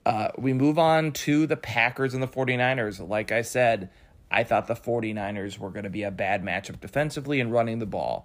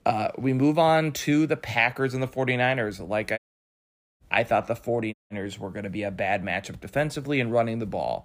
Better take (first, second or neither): first